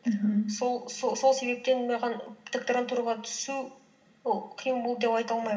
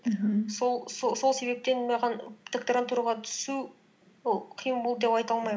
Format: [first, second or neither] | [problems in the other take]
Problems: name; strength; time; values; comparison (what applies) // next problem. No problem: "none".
second | room echo; dies away in 0.7 s